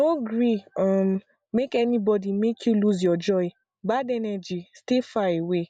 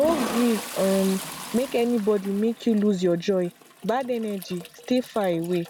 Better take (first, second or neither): first